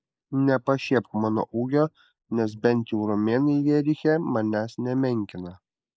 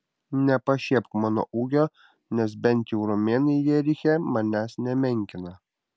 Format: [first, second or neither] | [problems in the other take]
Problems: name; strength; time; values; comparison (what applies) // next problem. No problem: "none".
second | noise reduction (neural mask model Resemble Enhance denoiser)